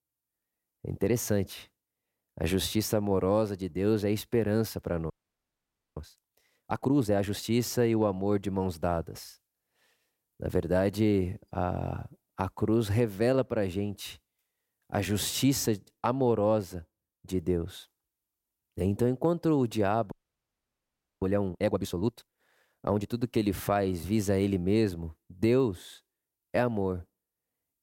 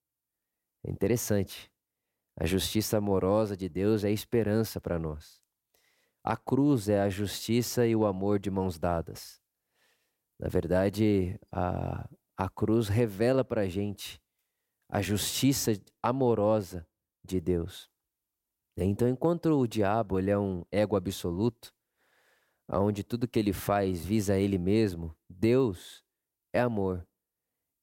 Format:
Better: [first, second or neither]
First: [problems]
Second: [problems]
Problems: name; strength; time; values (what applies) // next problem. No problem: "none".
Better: second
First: audio freezing; at 5 s for 1 s and at 20 s for 1 s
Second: none